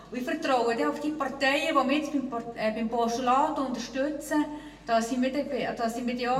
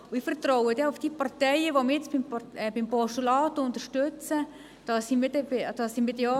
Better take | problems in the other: second | room echo; dies away in 0.6 s

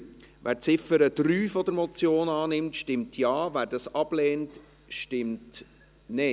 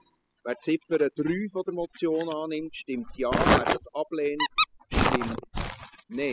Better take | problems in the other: first | noise reduction (classical method spectral subtraction)

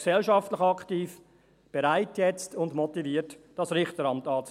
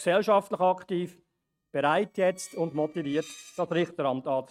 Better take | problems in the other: first | noise reduction (neural mask model RNNoise)

